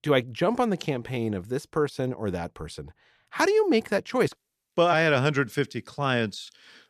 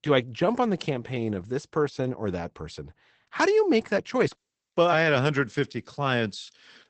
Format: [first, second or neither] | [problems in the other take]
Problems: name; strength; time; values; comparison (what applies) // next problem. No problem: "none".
first | garbled, watery; badly; nothing above 8 kHz